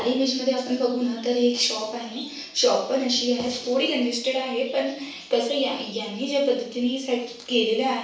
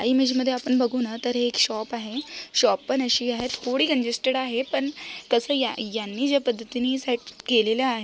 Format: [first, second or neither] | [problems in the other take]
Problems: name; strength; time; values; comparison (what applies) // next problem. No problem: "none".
second | room echo; dies away in 0.7 s